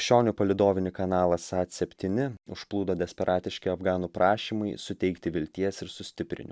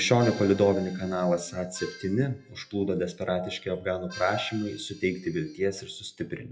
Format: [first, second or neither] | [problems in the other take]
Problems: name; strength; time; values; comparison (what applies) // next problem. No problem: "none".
first | noise reduction (classical method WPE with log-MMSE)